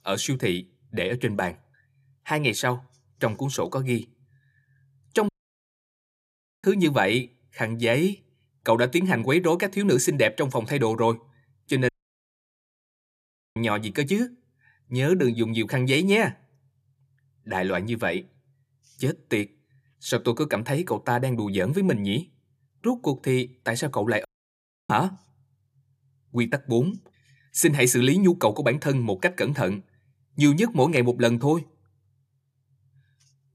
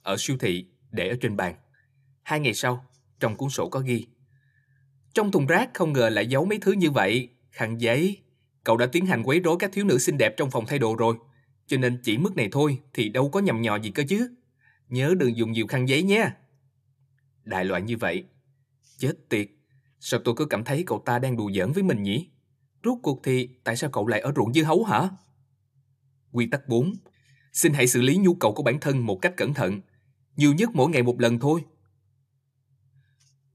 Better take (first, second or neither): second